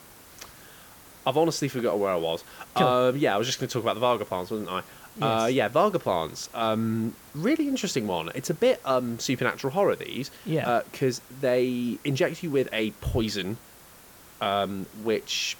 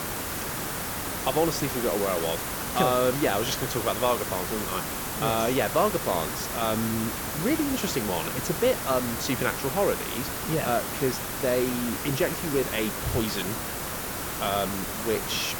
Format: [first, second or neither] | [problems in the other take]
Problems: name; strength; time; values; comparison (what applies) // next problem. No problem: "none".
first | hiss; loud; throughout; 2 dB below the speech; faint in the first